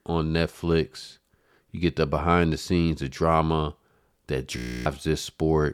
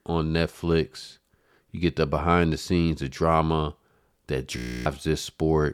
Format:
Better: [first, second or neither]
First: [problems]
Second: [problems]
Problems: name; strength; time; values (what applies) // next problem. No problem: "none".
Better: neither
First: audio freezing; at 4.5 s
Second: audio freezing; at 4.5 s